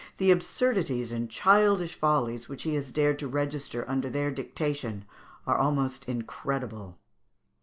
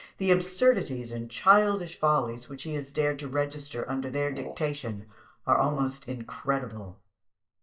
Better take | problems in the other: first | noise reduction (neural mask model DeepFilterNet 3)

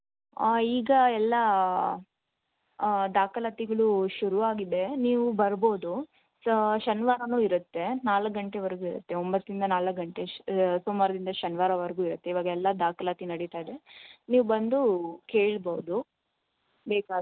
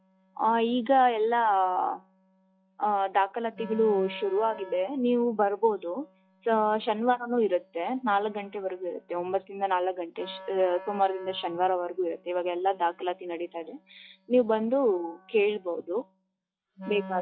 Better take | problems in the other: first | noise reduction (classical method log-MMSE)

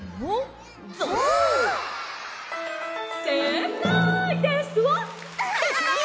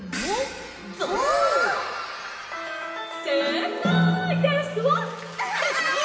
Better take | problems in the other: first | background sound (Crash cymbal); 14 dB below the speech // room echo; dies away in 2.8 s

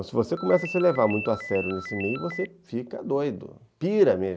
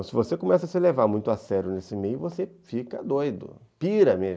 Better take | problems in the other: second | background sound (Ringtone); 11 dB below the speech

